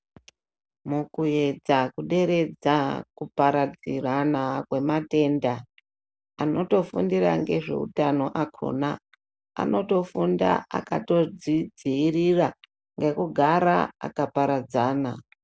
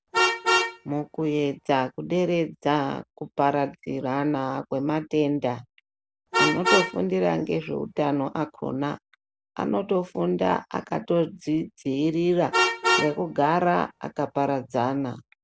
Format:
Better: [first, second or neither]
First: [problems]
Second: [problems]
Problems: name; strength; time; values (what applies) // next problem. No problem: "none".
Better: first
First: none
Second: background sound (Vehicle horn, car horn, honking); 5 dB below the speech